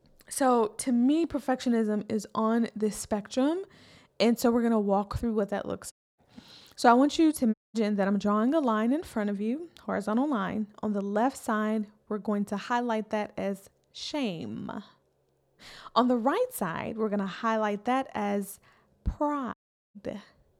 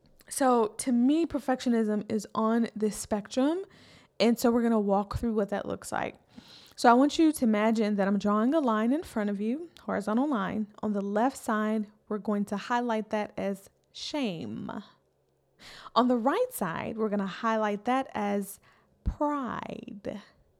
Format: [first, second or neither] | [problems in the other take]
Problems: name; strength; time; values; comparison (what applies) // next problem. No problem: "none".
second | audio cutting out; at 6 s, at 7.5 s and at 20 s